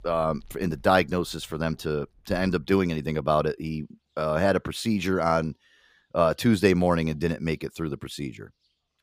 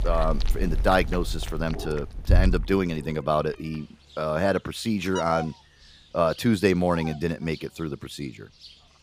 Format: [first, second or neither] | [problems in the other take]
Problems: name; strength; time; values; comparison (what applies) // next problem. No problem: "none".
first | animal sounds; loud; throughout; 4 dB below the speech; faint in the first